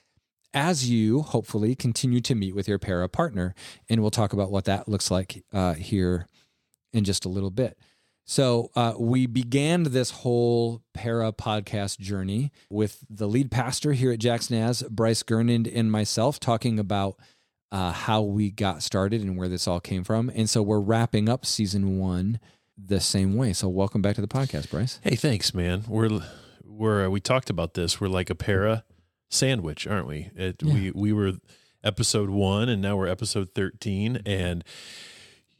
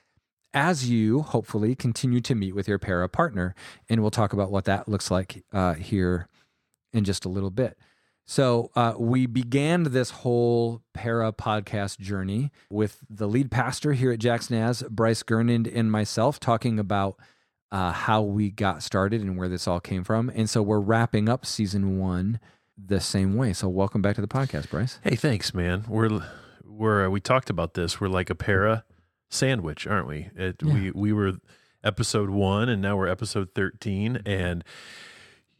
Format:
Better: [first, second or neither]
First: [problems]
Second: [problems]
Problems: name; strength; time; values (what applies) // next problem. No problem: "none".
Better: first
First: none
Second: muffled; very slightly; fading above 2 kHz